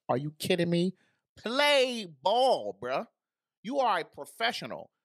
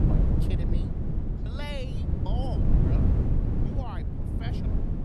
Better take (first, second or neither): first